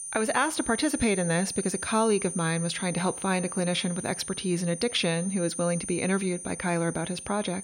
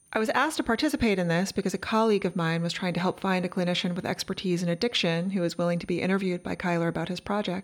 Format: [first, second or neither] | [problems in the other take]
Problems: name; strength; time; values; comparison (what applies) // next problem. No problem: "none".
second | high-pitched whine; loud; throughout; 9 kHz, 7 dB below the speech; faint in the second